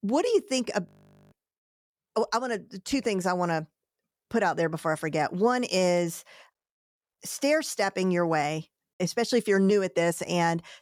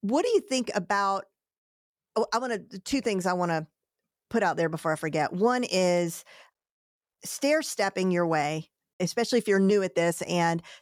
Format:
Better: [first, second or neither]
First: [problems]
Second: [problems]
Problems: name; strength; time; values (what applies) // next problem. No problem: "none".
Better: second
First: audio freezing; at 1 s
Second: none